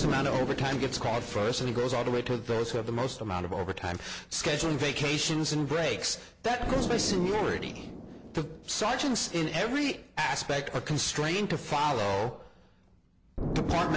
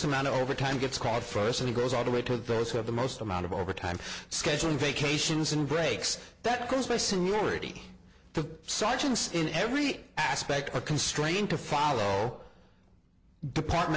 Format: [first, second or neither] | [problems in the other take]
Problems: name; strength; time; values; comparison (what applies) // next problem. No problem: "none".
second | background sound (Explosion); 10 dB below the speech